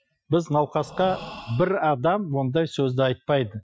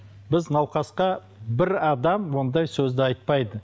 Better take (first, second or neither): second